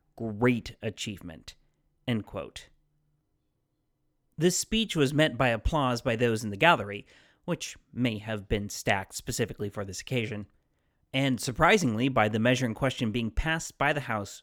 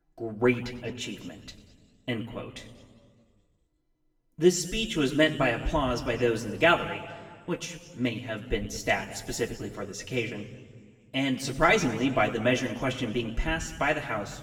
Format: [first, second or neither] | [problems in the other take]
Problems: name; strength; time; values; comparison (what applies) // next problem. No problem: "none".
first | room echo; slight; dies away in 1.4 s // off-mic speech; far